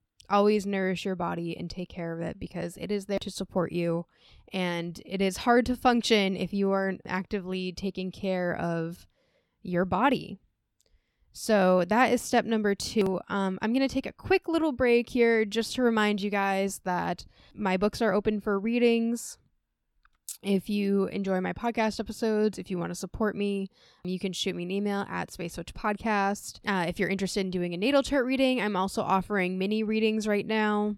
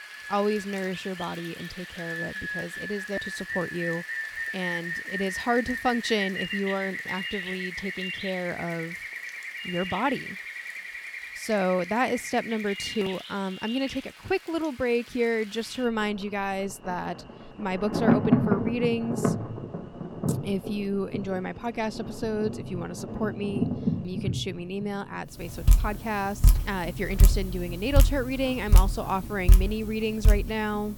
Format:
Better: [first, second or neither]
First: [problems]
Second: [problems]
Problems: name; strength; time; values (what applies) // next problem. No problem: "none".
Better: first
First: none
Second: rain or running water; very loud; throughout; as loud as the speech